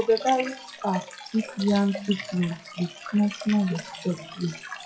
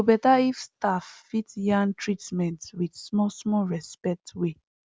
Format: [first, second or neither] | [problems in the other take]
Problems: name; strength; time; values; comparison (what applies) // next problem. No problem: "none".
second | noise reduction (classical method WPE with log-MMSE)